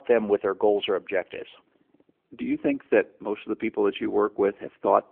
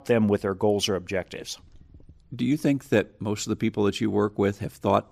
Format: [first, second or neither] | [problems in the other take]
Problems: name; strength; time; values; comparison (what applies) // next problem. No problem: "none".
second | phone-call audio; nothing above 3 kHz